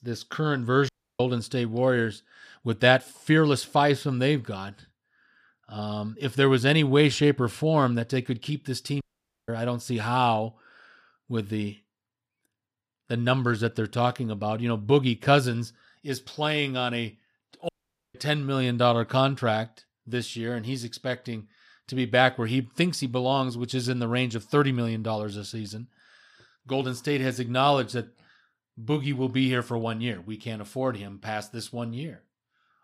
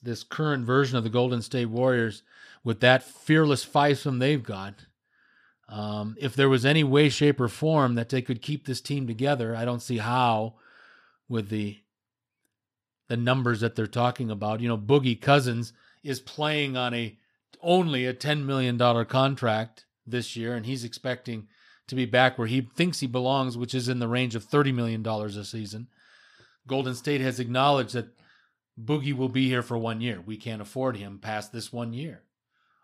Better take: second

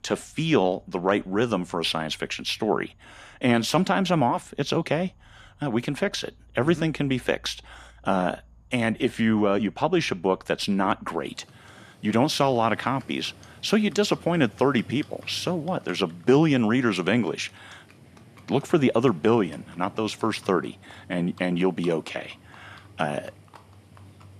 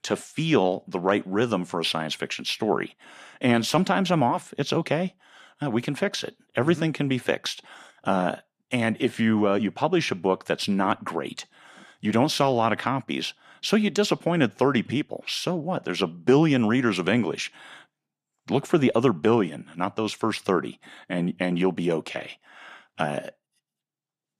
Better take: second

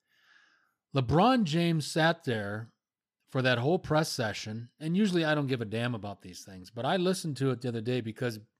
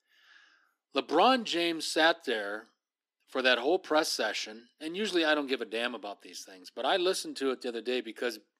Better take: first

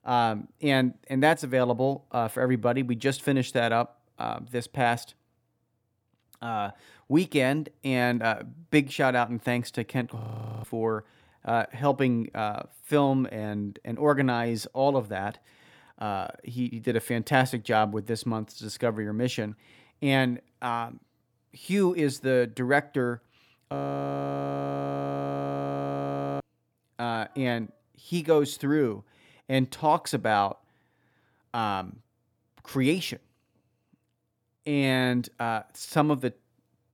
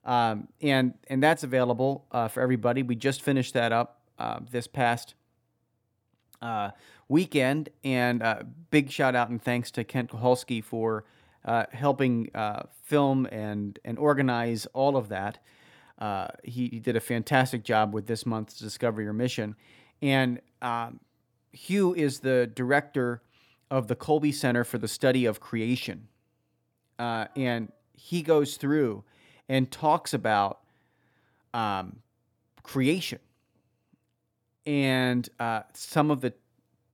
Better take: second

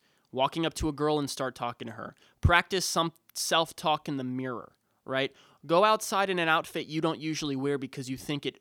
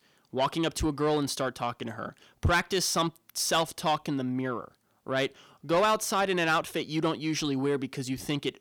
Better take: first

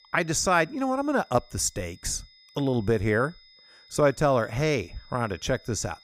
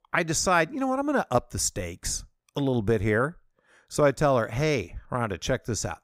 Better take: second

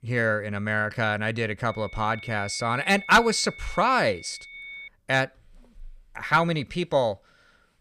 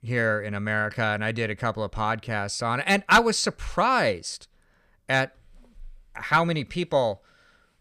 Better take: second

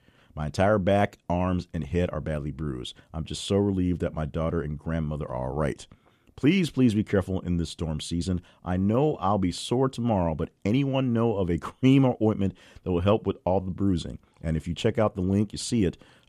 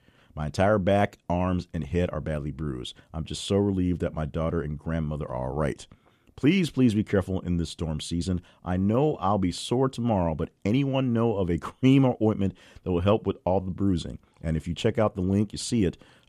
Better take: neither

